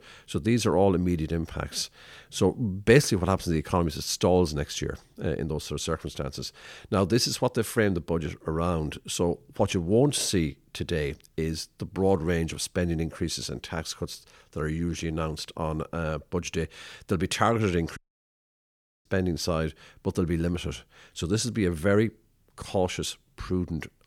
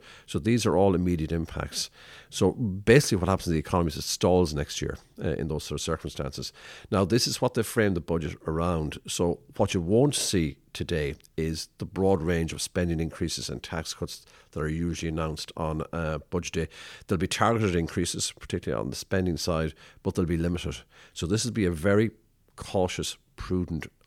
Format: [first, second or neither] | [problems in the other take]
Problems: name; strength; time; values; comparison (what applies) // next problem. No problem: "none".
second | audio cutting out; at 18 s for 1 s